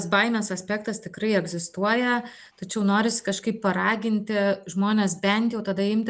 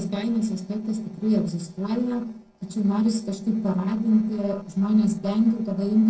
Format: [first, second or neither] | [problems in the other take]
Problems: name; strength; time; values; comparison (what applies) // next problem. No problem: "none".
first | noise reduction (neural separator model SepFormer DNS4)